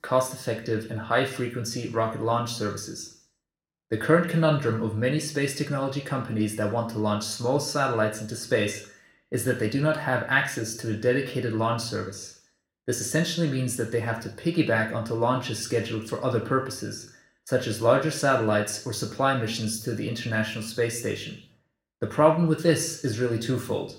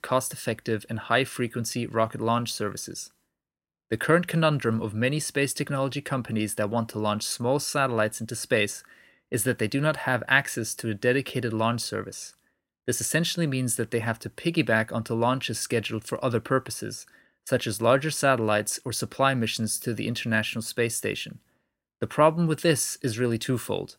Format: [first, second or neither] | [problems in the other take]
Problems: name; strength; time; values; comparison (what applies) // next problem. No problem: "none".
second | room echo; slight; dies away in 0.5 s // off-mic speech; somewhat distant